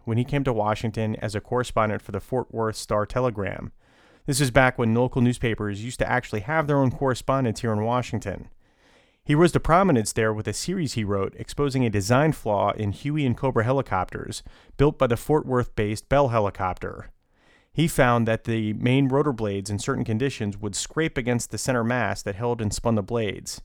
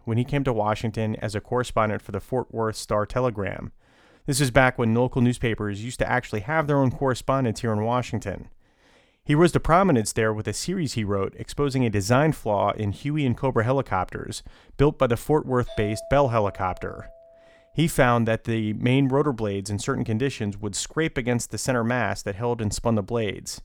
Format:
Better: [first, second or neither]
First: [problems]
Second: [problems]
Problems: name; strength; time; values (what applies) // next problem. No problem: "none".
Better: first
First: none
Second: doorbell; faint; from 16 to 17 s; peak 15 dB below the speech